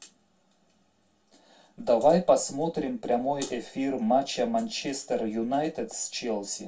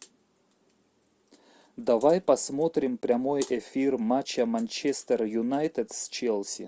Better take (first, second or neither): second